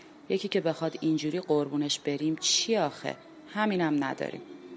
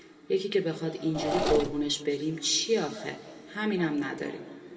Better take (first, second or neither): first